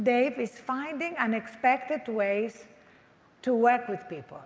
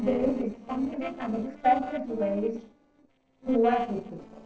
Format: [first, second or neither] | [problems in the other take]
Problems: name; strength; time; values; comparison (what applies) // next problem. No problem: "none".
first | noise reduction (neural separator model SepFormer DNS4)